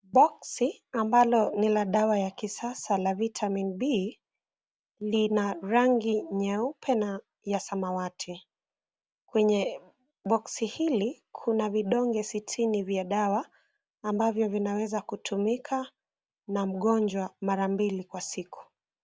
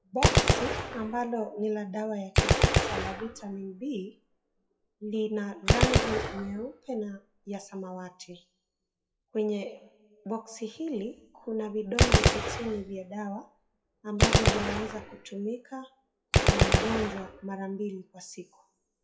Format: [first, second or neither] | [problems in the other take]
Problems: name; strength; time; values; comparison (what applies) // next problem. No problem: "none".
first | noise reduction (classical method WPE with log-MMSE)